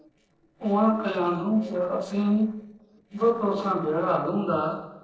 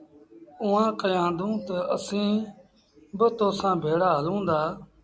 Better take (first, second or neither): second